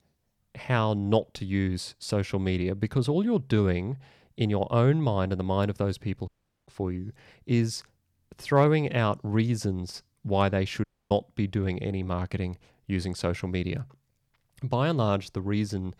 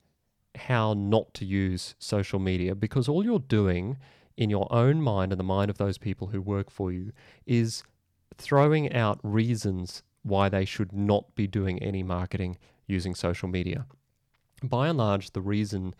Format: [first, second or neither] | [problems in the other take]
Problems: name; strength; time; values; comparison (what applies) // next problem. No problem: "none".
second | audio cutting out; at 6.5 s and at 11 s